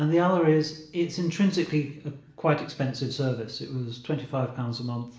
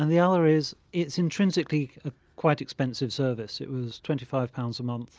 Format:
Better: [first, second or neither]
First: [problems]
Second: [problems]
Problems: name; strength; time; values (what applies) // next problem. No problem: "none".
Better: second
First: room echo; dies away in 0.7 s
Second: none